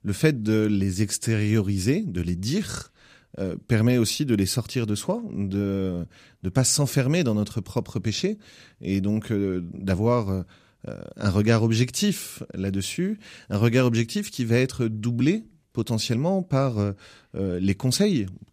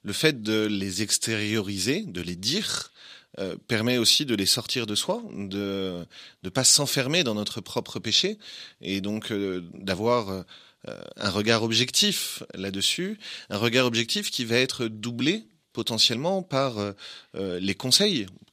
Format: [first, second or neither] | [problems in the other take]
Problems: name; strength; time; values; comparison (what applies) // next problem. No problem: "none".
first | thin; very slightly; fading below 1 kHz